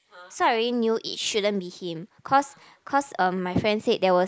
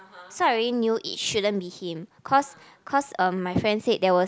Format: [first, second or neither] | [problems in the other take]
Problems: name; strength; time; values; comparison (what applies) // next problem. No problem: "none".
second | noise reduction (neural mask model Resemble Enhance denoiser)